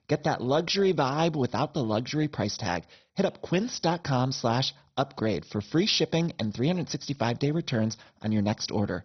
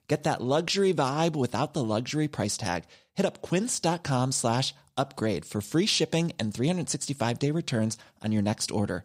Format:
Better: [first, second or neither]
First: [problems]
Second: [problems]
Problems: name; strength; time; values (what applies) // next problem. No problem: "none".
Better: second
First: garbled, watery; badly; nothing above 6 kHz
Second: none